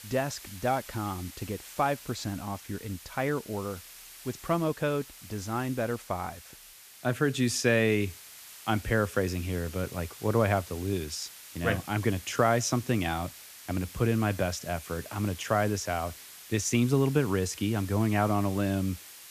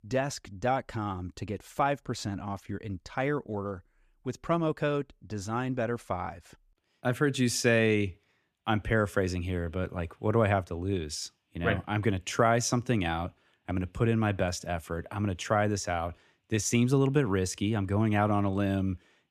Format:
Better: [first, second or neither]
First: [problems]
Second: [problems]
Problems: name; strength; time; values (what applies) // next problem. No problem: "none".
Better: second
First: hiss; noticeable; throughout; 15 dB below the speech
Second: none